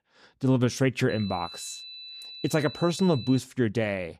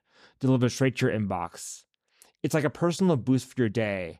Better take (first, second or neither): second